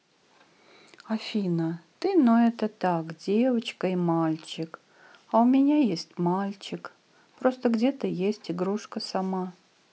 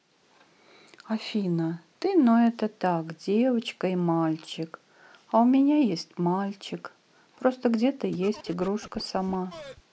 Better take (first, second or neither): first